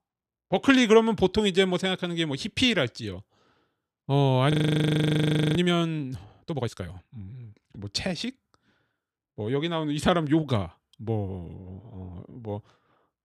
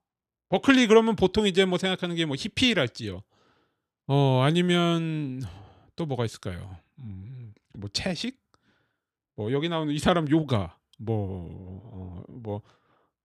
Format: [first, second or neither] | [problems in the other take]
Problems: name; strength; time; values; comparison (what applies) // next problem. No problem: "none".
second | audio freezing; at 4.5 s for 1 s